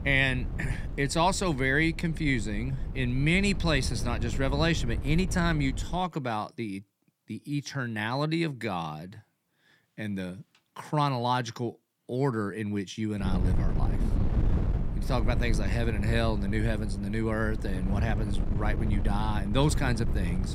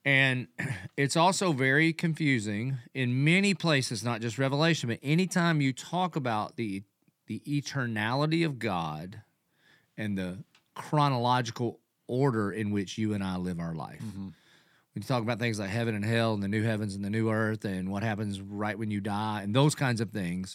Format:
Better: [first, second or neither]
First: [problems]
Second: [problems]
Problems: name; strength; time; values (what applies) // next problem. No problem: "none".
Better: second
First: wind noise on the microphone; occasional gusts; until 6 s and from 13 s on; 15 dB below the speech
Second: none